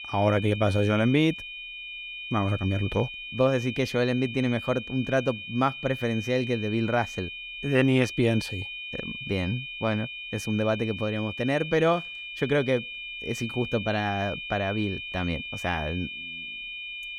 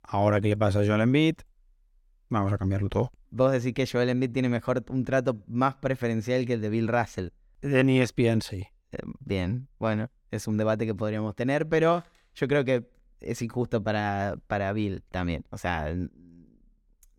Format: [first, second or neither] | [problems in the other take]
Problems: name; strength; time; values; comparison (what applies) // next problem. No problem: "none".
second | high-pitched whine; loud; throughout; 2.5 kHz, 8 dB below the speech